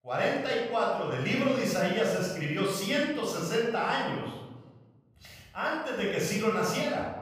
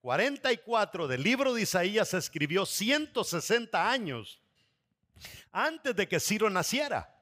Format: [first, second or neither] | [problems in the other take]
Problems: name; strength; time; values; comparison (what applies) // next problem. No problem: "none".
second | off-mic speech; far // room echo; noticeable; dies away in 1.2 s